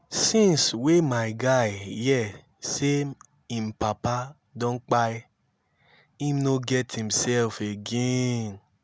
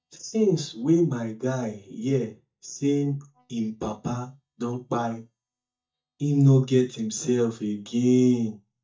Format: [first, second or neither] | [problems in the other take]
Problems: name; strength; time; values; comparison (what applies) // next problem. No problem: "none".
first | noise reduction (neural mask model DeepFilterNet 3)